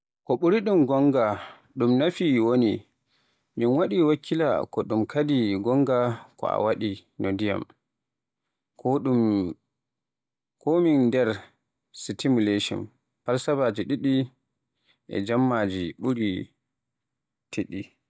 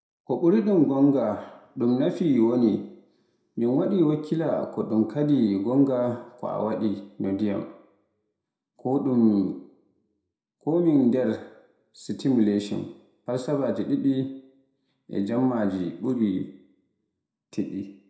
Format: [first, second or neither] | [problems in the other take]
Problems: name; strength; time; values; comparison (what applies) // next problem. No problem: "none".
first | room echo; dies away in 0.6 s